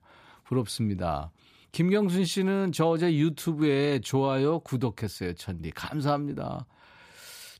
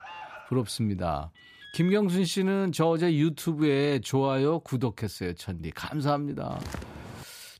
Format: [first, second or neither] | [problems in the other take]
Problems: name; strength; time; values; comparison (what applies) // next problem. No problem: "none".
first | alarm; faint; at the start and at 1.5 s; peak 15 dB below the speech // footsteps; faint; at 6.5 s; peak 10 dB below the speech